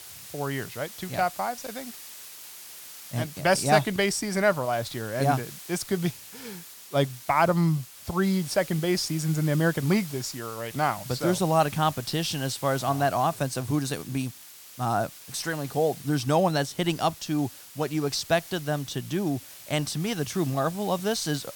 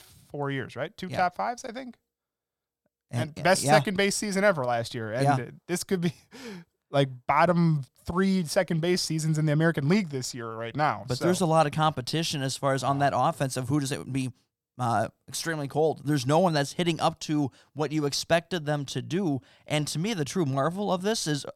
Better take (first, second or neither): second